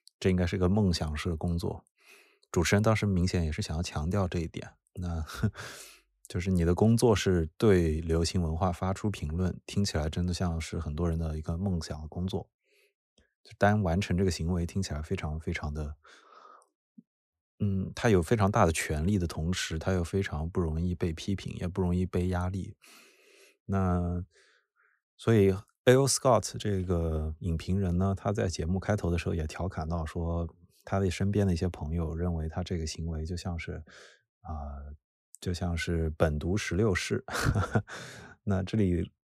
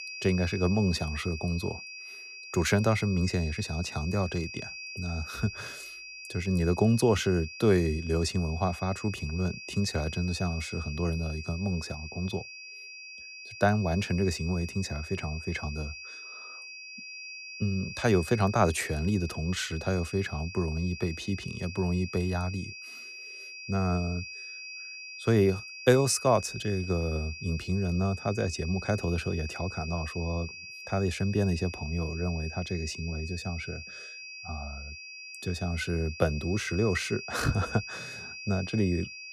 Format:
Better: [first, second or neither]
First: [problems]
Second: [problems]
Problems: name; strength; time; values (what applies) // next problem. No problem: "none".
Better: first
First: none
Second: high-pitched whine; noticeable; throughout; 2.5 kHz, 10 dB below the speech